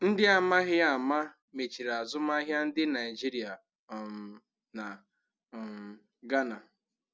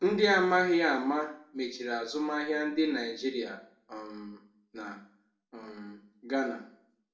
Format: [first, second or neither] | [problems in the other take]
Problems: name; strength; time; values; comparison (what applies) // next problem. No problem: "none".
first | room echo; dies away in 0.5 s